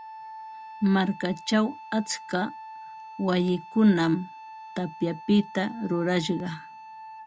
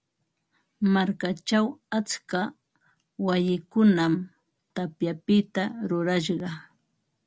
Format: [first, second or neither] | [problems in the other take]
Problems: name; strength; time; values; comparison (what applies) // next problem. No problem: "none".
second | background sound (Wind instrument, woodwind instrument); 16 dB below the speech